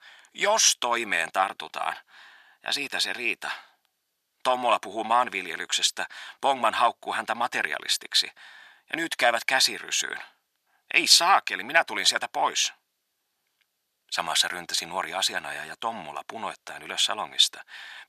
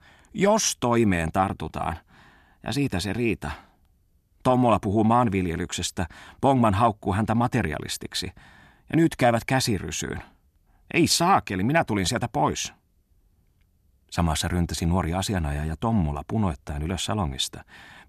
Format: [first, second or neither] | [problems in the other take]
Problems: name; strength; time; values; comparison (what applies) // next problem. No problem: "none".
second | thin; very; fading below 750 Hz